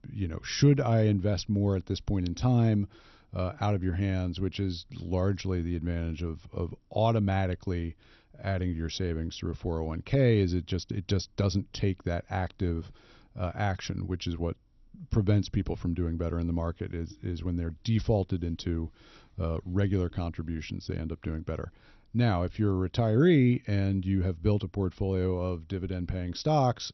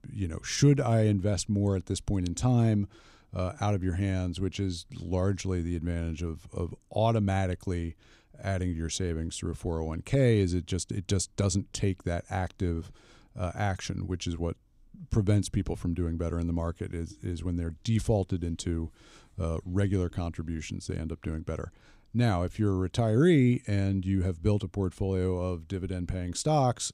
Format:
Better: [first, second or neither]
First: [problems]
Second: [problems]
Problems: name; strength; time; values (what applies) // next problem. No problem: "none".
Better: second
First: garbled, watery; slightly; nothing above 6 kHz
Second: none